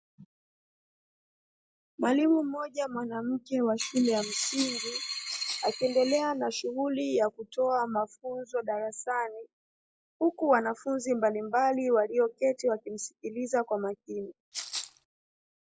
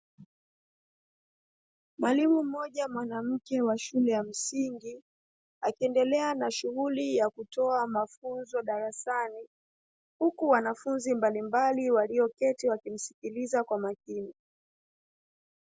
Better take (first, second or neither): second